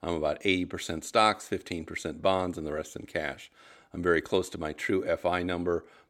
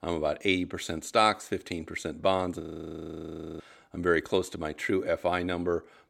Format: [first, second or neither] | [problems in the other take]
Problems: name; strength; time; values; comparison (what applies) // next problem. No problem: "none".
first | audio freezing; at 2.5 s for 1 s